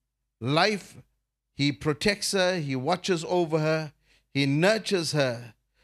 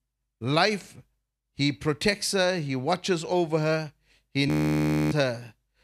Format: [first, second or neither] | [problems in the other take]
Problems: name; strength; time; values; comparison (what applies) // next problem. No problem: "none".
first | audio freezing; at 4.5 s for 0.5 s